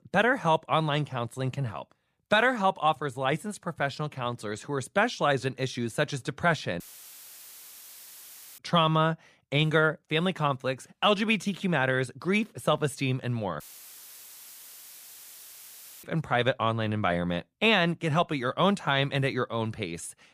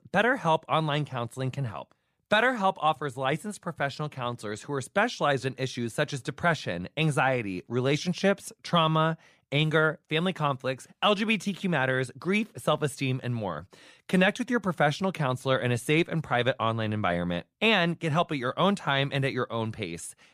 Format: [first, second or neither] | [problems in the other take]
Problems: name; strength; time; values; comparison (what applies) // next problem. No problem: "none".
second | audio cutting out; filled with static; at 7 s for 2 s and at 14 s for 2.5 s